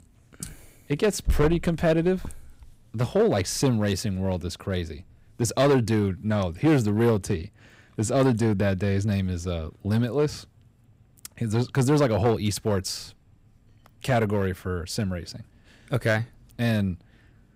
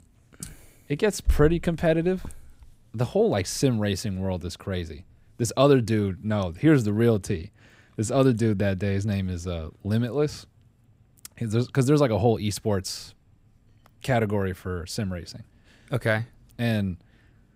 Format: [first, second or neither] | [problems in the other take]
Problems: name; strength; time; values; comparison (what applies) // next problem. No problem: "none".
second | distortion; slight; 4% of the sound clipped